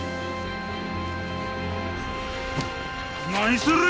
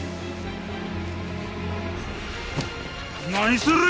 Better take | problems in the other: second | background sound (Organ); 6 dB below the speech

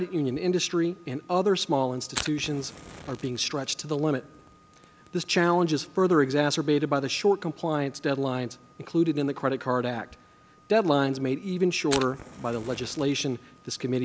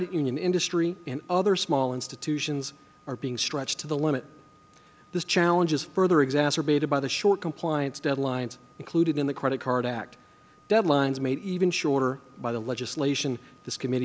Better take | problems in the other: second | background sound (Fire); 19 dB below the speech

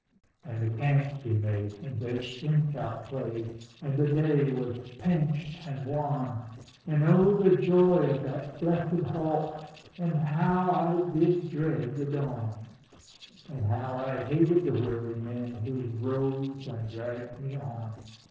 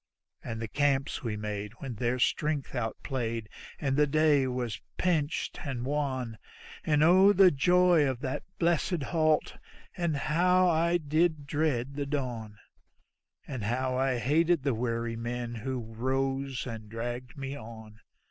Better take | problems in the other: second | noise reduction (neural separator model SepFormer DNS4)

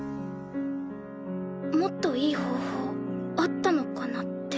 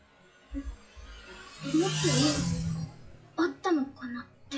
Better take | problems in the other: first | noise reduction (classical method WPE with log-MMSE)

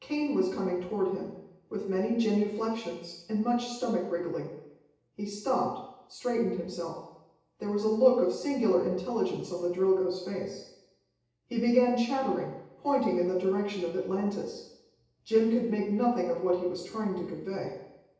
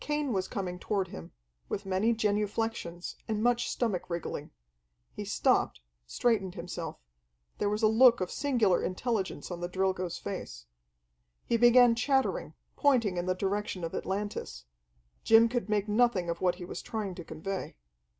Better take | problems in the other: second | room echo; dies away in 0.9 s

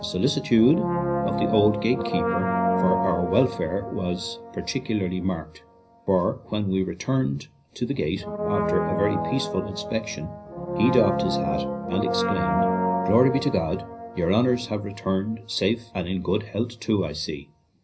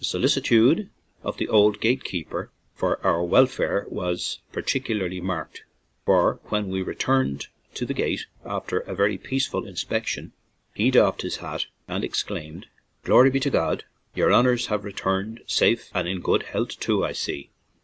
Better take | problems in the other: second | background sound (Brass instrument); 3 dB below the speech // room echo; dies away in 0.4 s

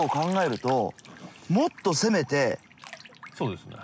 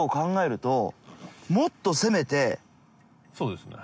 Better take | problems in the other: second | background sound (Bathtub (filling or washing)); 19 dB below the speech

